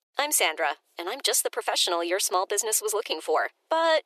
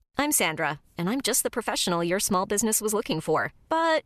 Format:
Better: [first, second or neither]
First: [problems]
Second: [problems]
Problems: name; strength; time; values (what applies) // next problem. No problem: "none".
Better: second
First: thin; very; fading below 350 Hz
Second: none